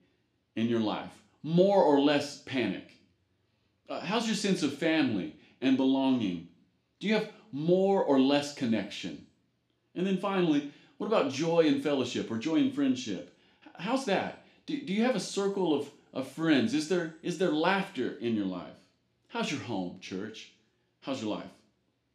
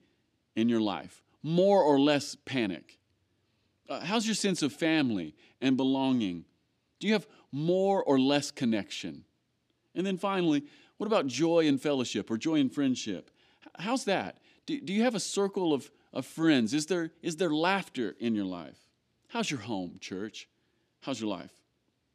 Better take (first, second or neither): second